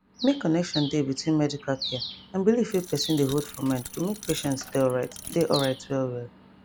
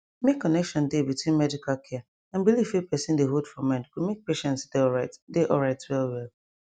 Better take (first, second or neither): second